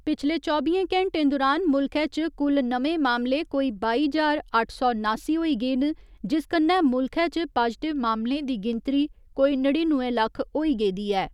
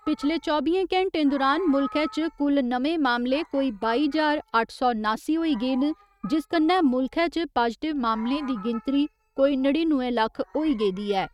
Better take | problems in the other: first | noise reduction (neural mask model RNNoise)

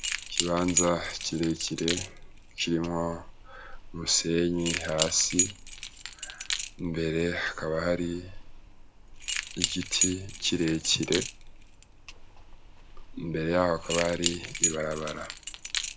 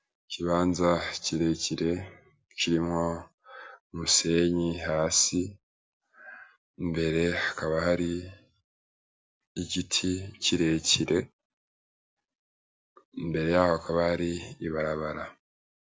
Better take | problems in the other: second | background sound (Keys jangling); 4 dB below the speech

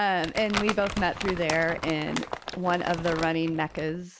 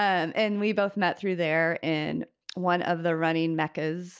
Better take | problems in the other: second | background sound (Crumpling, crinkling); 8 dB below the speech

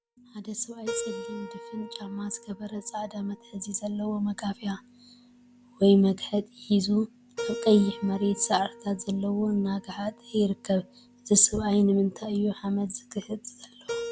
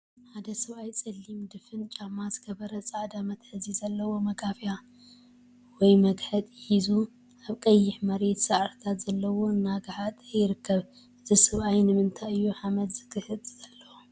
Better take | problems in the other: second | background sound (Keyboard (musical)); 15 dB below the speech

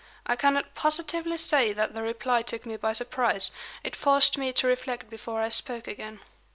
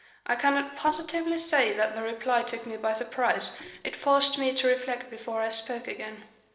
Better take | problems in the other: first | noise reduction (neural separator model SepFormer DNS4)

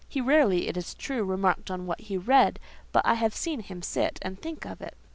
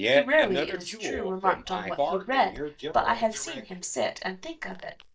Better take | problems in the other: first | noise reduction (neural mask model DeepFilterNet 3)

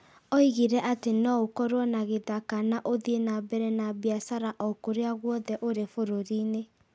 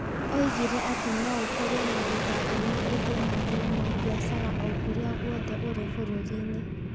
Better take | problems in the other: first | background sound (Fixed-wing aircraft, airplane); 3 dB above the speech

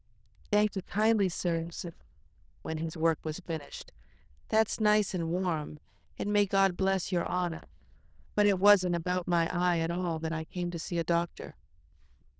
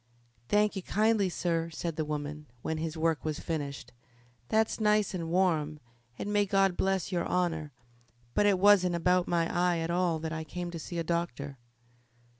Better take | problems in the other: second | noise reduction (neural diffusion model UNIVERSE++)

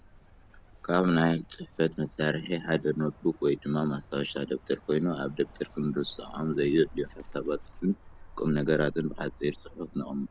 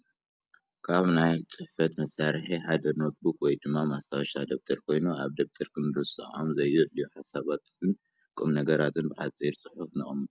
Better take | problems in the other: second | background sound (Bird); 18 dB below the speech

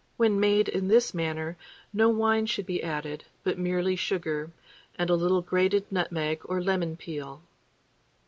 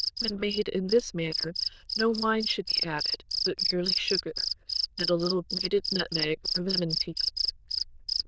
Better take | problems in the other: first | noise reduction (neural diffusion model UNIVERSE++)

